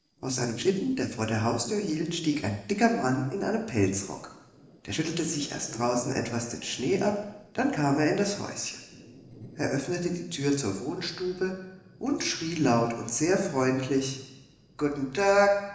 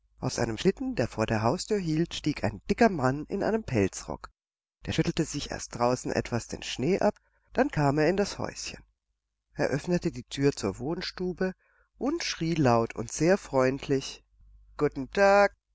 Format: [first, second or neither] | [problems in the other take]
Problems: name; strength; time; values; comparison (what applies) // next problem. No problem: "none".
second | noise reduction (neural separator model SepFormer DNS4)